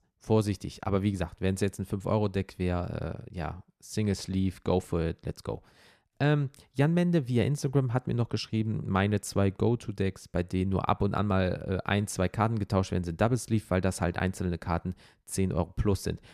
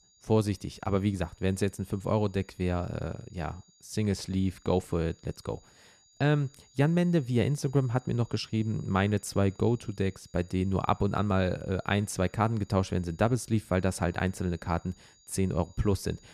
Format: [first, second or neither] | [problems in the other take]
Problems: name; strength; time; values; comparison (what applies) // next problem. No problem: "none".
first | high-pitched whine; faint; throughout; 7 kHz, 30 dB below the speech